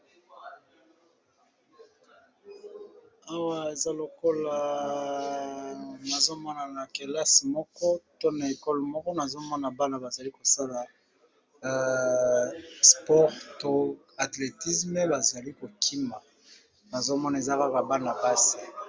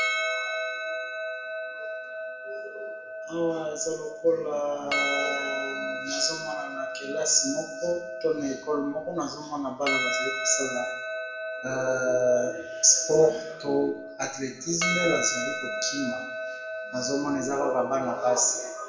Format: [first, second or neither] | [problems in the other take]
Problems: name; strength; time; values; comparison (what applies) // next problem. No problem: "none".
first | background sound (Percussion); 4 dB below the speech // room echo; dies away in 0.7 s